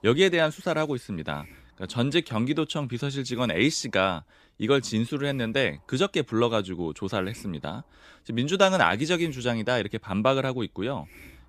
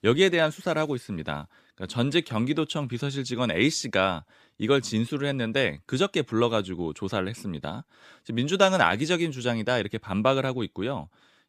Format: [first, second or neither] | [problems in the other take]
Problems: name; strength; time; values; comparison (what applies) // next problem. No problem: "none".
second | hiss; faint; throughout; 30 dB below the speech